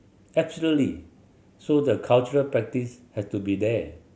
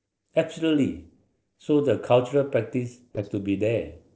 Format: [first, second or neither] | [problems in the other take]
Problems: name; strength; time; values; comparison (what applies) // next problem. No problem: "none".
first | noise reduction (neural separator model SepFormer DNS4)